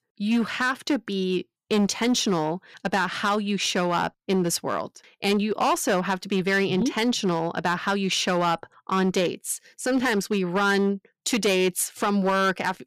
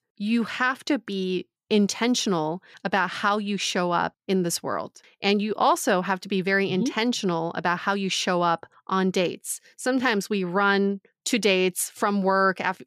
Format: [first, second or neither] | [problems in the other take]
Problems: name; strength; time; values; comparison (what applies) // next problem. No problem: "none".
second | distortion; slight; 7% of the sound clipped